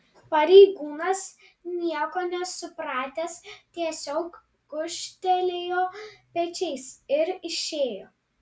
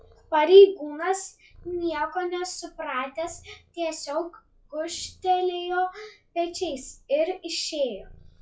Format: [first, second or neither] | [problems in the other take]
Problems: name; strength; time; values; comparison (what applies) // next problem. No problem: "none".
first | noise reduction (classical method log-MMSE)